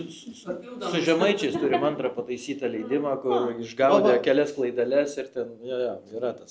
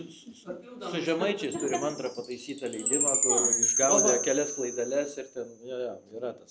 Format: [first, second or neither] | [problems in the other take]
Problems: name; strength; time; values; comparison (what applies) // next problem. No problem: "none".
first | background sound (Chime); as loud as the speech